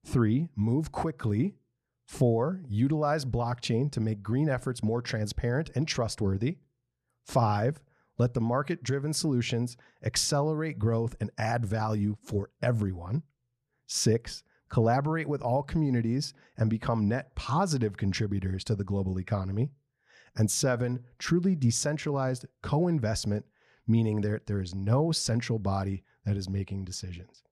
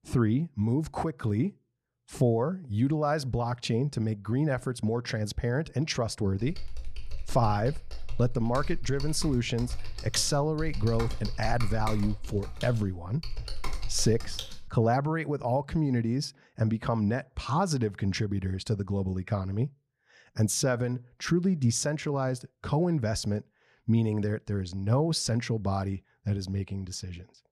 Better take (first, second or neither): first